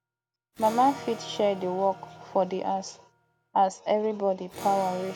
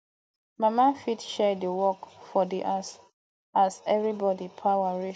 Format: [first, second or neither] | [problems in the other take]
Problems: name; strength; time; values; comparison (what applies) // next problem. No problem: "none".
second | background sound (Electric guitar / Acoustic guitar); 16 dB below the speech